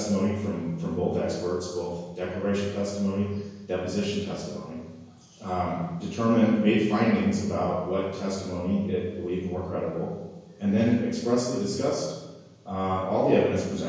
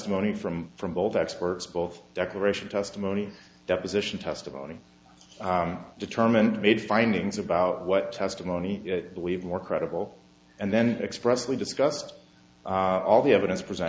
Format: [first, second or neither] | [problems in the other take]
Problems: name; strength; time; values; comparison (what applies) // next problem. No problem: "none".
second | room echo; dies away in 1 s